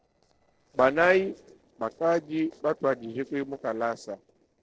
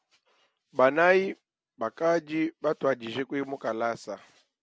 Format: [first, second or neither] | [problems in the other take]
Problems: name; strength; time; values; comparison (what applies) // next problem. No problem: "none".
second | noise reduction (neural separator model SepFormer DNS4)